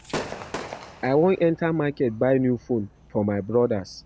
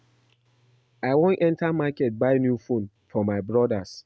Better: second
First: background sound (Gunshot, gunfire / Fireworks); 15 dB below the speech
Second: none

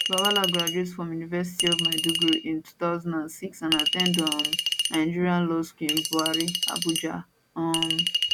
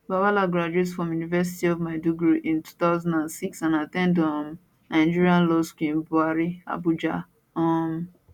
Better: second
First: background sound (Chink, clink); 1 dB below the speech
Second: none

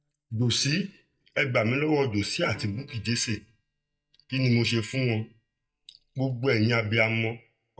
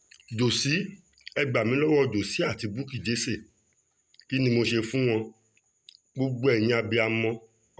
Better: second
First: noise reduction (neural mask model DeepFilterNet 3)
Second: none

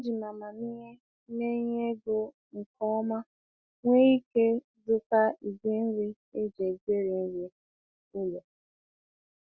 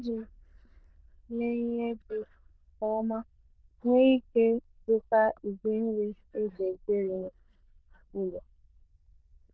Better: first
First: none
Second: noise reduction (neural diffusion model UNIVERSE++)

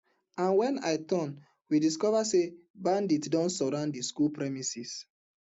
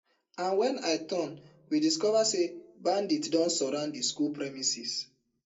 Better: first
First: none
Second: room echo; dies away in 0.2 s

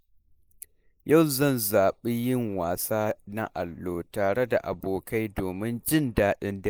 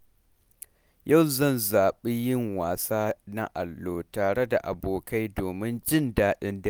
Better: second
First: noise reduction (neural mask model Resemble Enhance denoiser)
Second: none

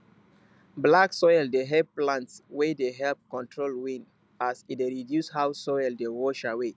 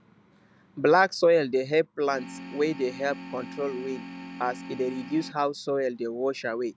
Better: first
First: none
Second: background sound (Organ); 13 dB below the speech

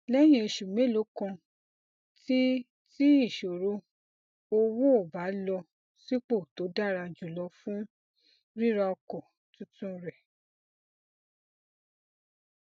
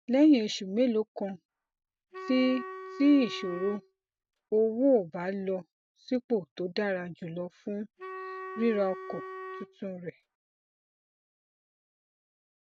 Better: first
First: none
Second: background sound (Wind instrument, woodwind instrument); 12 dB below the speech

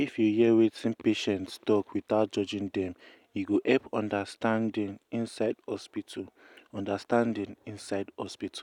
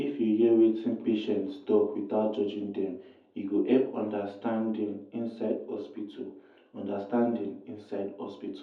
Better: first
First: none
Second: room echo; dies away in 0.5 s

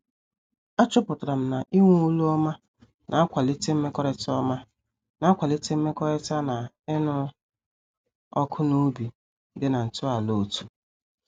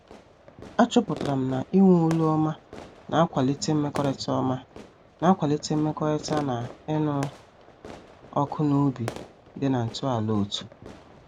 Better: first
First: none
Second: background sound (Fireworks); 17 dB below the speech

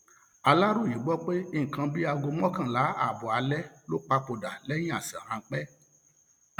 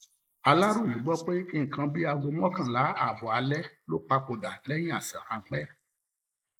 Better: first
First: none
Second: noise reduction (neural mask model Resemble Enhance denoiser)

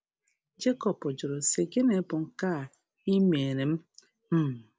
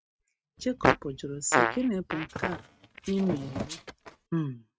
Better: first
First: none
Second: noise reduction (neural mask model RNNoise)

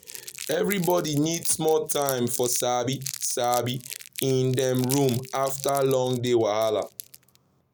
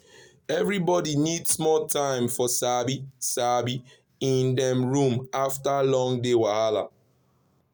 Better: second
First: background sound (Crumpling, crinkling); 14 dB below the speech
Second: none

